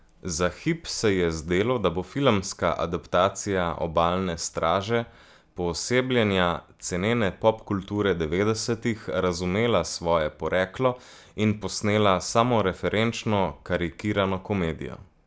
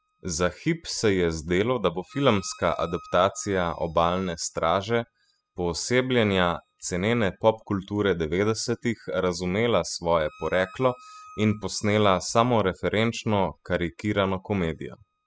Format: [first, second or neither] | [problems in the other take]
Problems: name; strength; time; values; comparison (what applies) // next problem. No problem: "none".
first | noise reduction (classical method spectral subtraction)